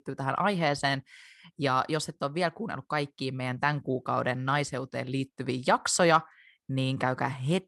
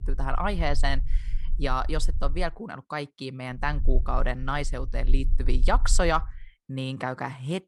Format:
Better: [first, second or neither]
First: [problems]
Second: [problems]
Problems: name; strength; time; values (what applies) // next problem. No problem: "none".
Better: first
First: none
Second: low rumble; faint; until 2.5 s and from 3.5 to 6.5 s; 25 dB below the speech